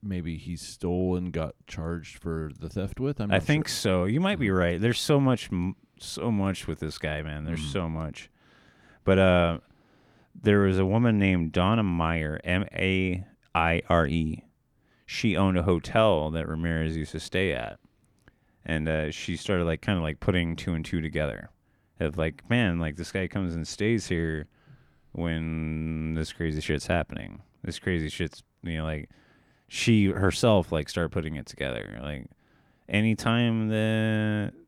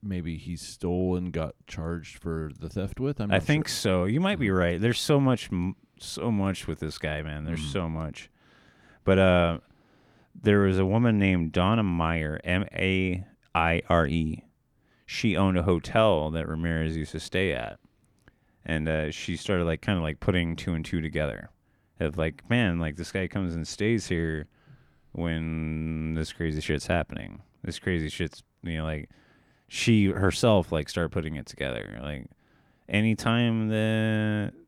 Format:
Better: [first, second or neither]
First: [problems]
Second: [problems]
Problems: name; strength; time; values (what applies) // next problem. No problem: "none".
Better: neither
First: none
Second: none